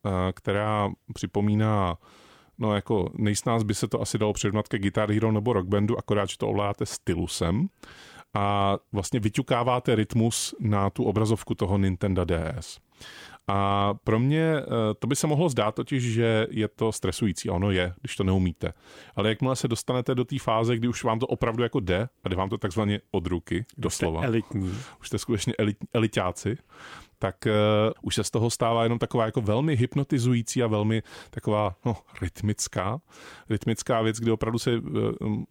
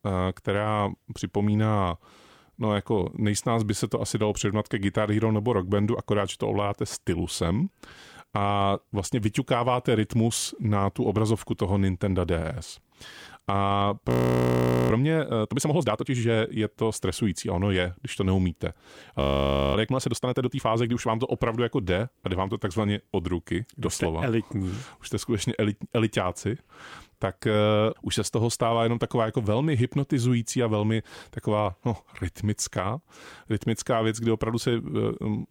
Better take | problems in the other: first | audio freezing; at 14 s for 1 s and at 19 s for 0.5 s

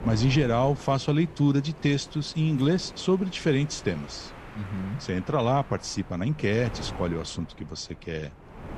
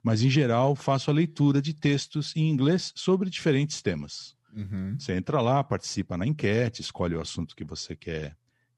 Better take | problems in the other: second | wind noise on the microphone; occasional gusts; 15 dB below the speech

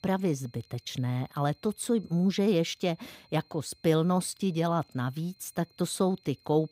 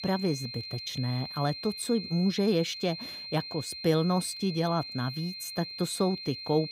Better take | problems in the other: first | high-pitched whine; loud; throughout; 4 kHz, 8 dB below the speech; faint in the first

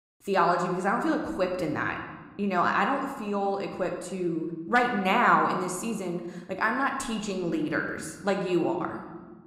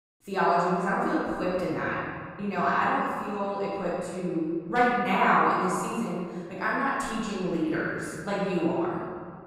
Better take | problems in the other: first | room echo; strong; dies away in 1.8 s; slight in the first // off-mic speech; far

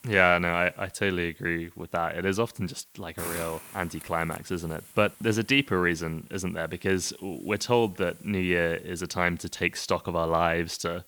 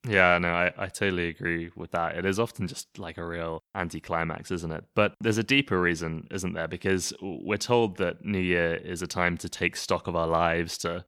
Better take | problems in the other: second | hiss; noticeable; throughout; 20 dB below the speech

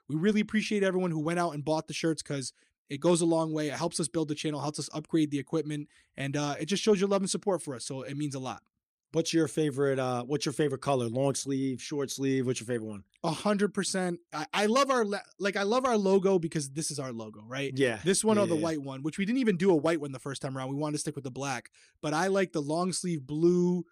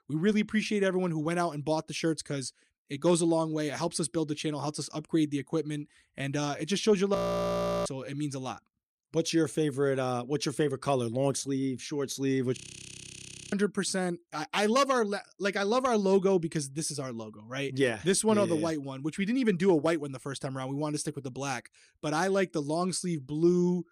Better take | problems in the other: first | audio freezing; at 7 s for 0.5 s and at 13 s for 1 s

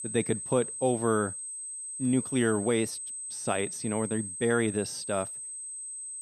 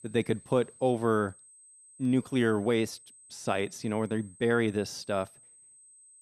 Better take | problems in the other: second | high-pitched whine; loud; throughout; 8 kHz, 6 dB below the speech; faint in the second

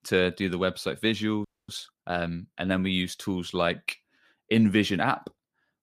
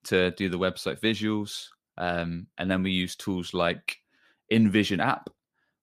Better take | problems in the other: second | audio freezing; at 1.5 s

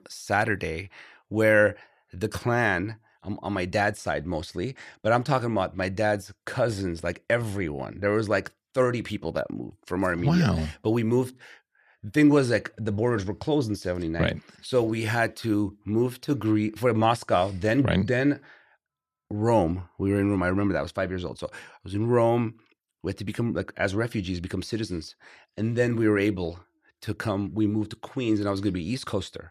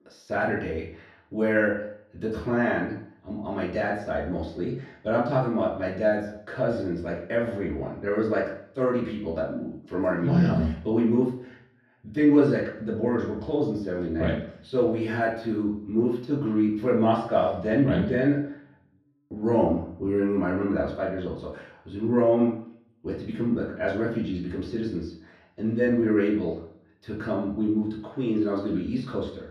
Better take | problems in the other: first | room echo; noticeable; dies away in 0.6 s // off-mic speech; far

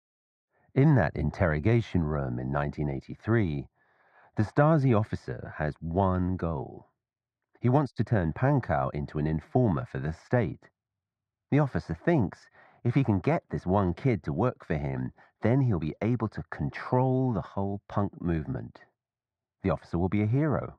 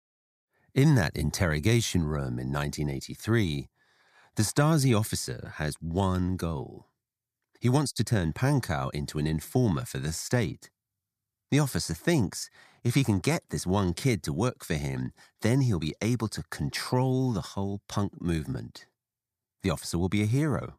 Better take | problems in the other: second | muffled; very; fading above 1.5 kHz

